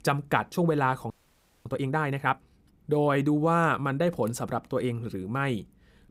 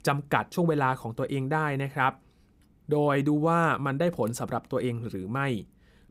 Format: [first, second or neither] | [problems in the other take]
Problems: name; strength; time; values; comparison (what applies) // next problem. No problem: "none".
second | audio freezing; at 1 s for 0.5 s